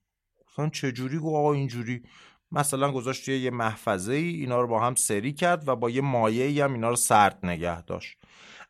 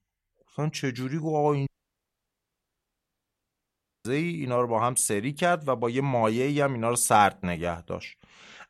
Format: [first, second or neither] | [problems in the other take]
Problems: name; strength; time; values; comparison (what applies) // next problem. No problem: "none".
first | audio cutting out; at 1.5 s for 2.5 s